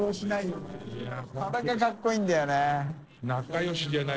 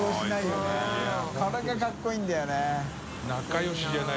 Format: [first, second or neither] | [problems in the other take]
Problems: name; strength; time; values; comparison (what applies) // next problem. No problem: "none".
second | noise reduction (neural separator model SepFormer DNS4)